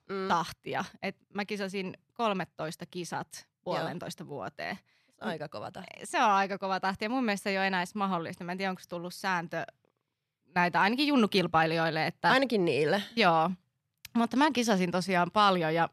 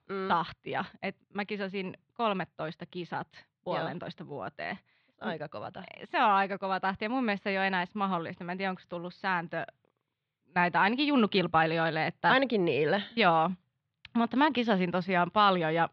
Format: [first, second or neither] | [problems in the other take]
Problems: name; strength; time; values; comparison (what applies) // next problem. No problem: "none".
first | muffled; very slightly; fading above 4 kHz